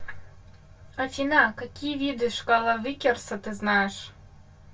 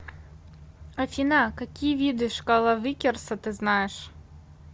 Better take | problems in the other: second | room echo; dies away in 0.1 s

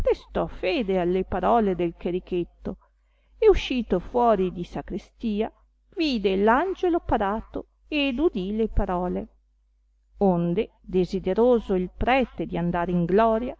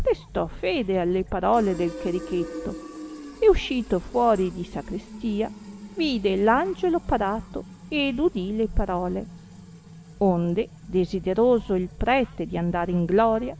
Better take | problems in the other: first | background sound (Fill (with liquid)); 17 dB below the speech

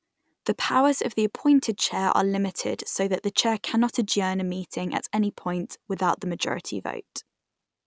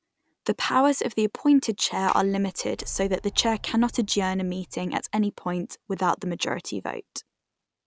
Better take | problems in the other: first | background sound (Sliding door); 19 dB below the speech

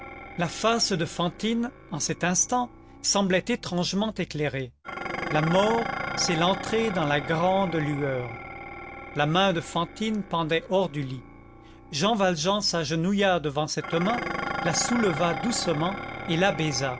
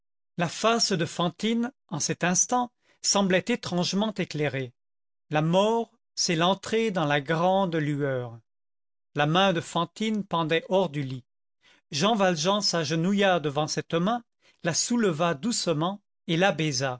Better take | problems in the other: second | background sound (Dishes, pots, and pans); 10 dB below the speech

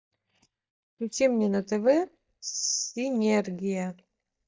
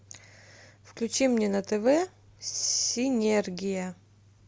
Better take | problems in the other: second | noise reduction (neural mask model DeepFilterNet 3)

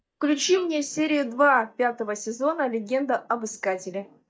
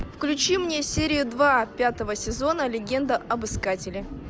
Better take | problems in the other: second | noise reduction (neural mask model DeepFilterNet 3)

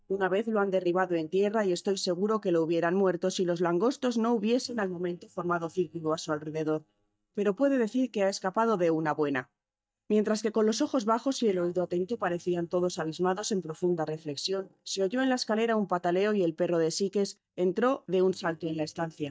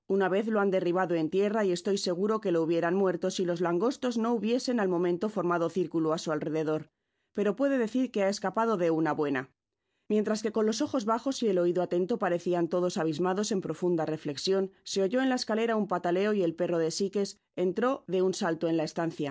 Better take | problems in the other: second | noise reduction (neural mask model DeepFilterNet 3)

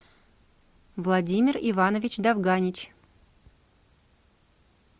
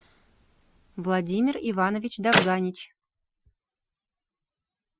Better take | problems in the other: first | noise reduction (classical method Wiener filter)

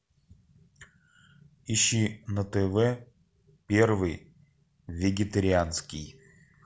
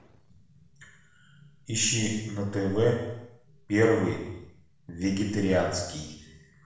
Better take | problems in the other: first | room echo; dies away in 0.9 s

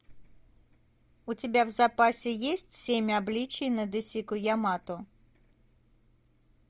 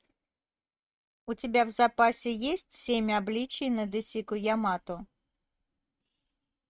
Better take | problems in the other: first | noise reduction (neural mask model RNNoise)

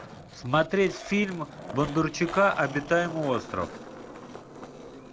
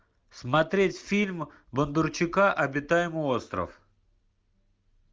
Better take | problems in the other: second | background sound (Skateboard); 13 dB below the speech

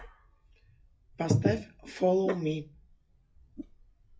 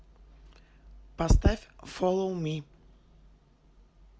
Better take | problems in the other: second | noise reduction (classical method WPE with log-MMSE)

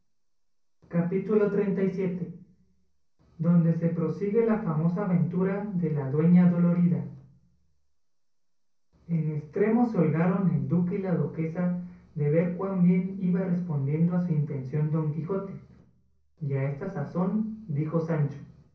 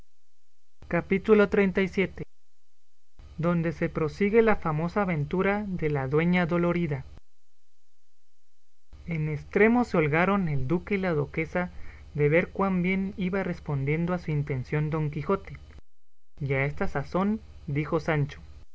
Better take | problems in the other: second | room echo; dies away in 0.6 s

